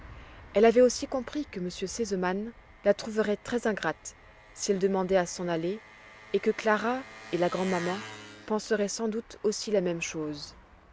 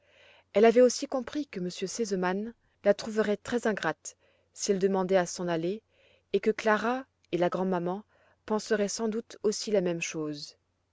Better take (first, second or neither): second